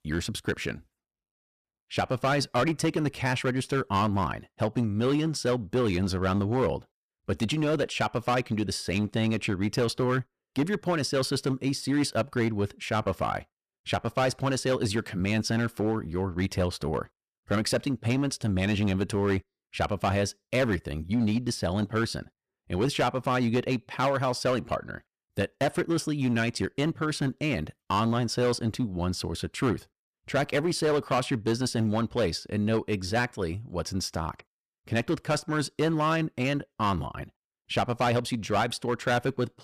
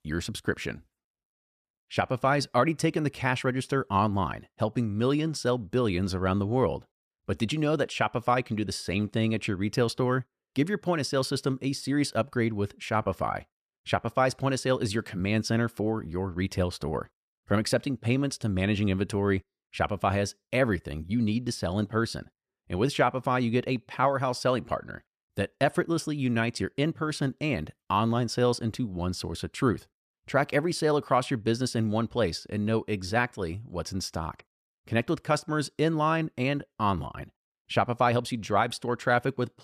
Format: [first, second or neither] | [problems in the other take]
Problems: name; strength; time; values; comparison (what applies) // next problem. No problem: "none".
second | distortion; slight; 7% of the sound clipped